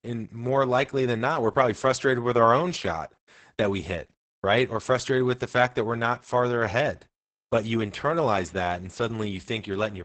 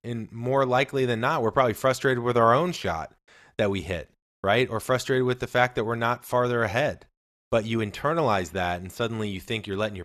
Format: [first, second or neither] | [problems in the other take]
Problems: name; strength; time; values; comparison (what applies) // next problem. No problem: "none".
second | garbled, watery; badly; nothing above 8 kHz